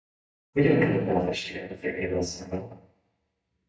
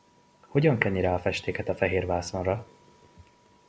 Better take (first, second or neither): second